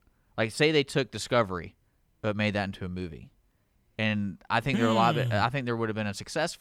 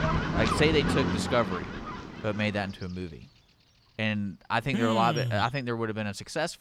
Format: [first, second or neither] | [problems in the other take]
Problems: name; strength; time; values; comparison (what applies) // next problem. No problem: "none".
first | animal sounds; loud; throughout; 3 dB below the speech